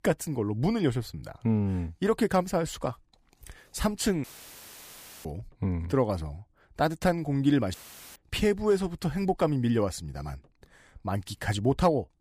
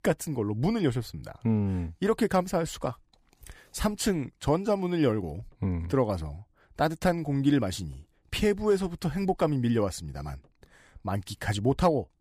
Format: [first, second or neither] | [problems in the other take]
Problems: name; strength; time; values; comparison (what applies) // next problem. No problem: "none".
second | audio cutting out; filled with static; at 4 s for 1 s and at 7.5 s